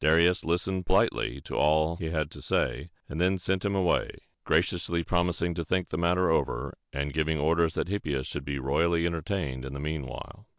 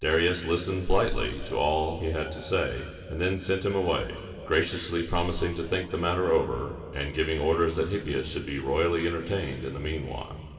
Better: first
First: none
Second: room echo; dies away in 2.5 s

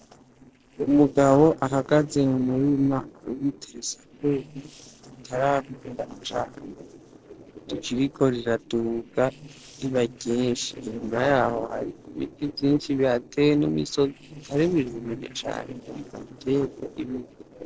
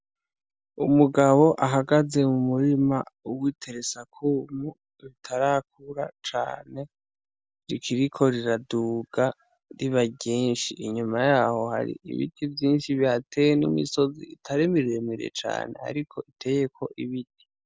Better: second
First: noise reduction (neural separator model SepFormer DNS4)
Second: none

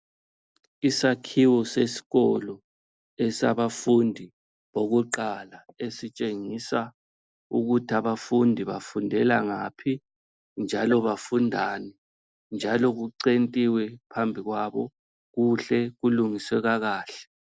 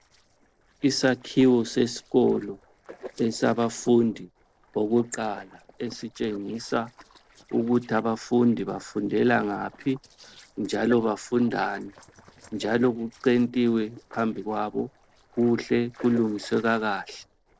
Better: first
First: none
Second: noise reduction (neural separator model SepFormer DNS4)

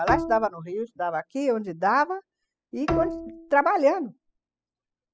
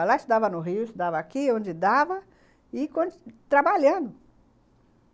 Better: second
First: noise reduction (classical method spectral subtraction)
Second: none

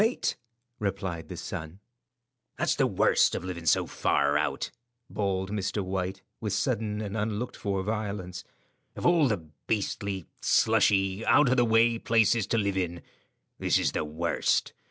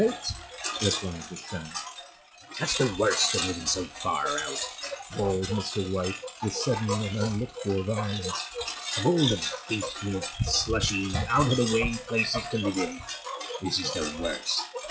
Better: first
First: none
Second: noise reduction (classical method log-MMSE)

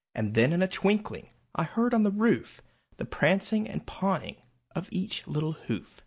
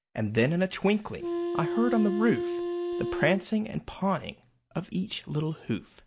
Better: first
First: none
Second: background sound (Wind instrument, woodwind instrument); 4 dB below the speech

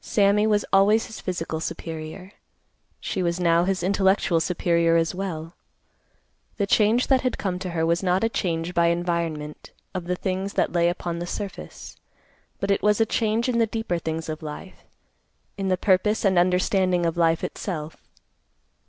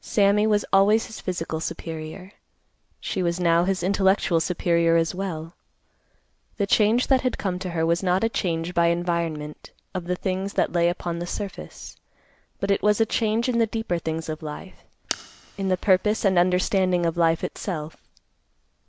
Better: first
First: none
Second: background sound (Fire); 15 dB below the speech

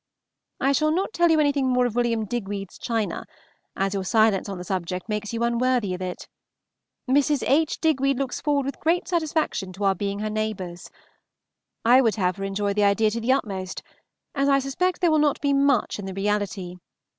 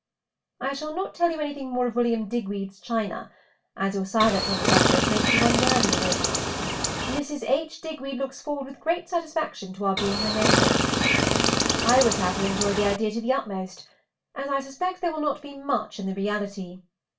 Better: first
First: none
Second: background sound (Chirp, tweet); 4 dB above the speech // room echo; dies away in 0.2 s

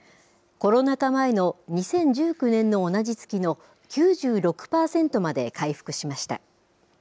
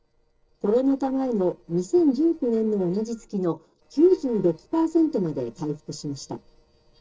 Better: first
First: none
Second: noise reduction (neural separator model SepFormer DNS4)

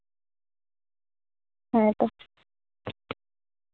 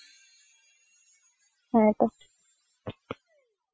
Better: first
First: none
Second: noise reduction (classical method Wiener filter)

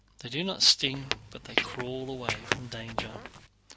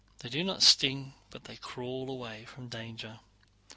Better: second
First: background sound (Squeak / Walk, footsteps); 3 dB below the speech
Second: none

